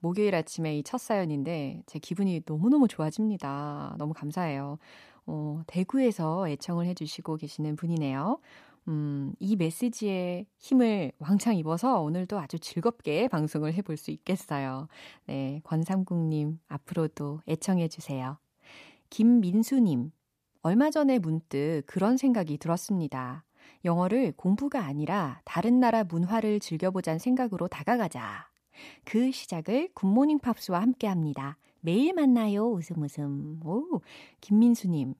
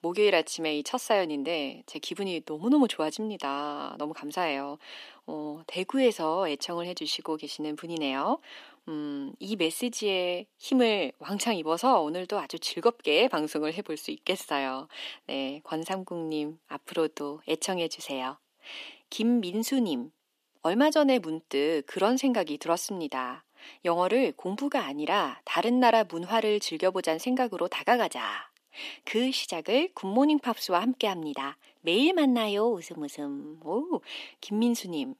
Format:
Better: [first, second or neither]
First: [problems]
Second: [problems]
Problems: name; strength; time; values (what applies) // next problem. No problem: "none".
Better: first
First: none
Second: thin; somewhat; fading below 300 Hz